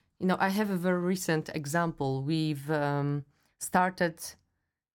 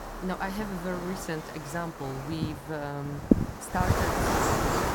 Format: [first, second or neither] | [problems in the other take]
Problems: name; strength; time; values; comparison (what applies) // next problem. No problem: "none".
first | wind noise on the microphone; heavy; 4 dB above the speech